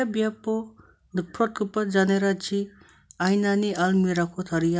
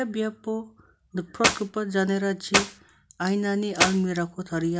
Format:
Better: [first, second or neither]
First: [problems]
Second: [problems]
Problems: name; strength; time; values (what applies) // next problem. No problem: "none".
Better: first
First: none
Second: background sound (Clapping); 2 dB above the speech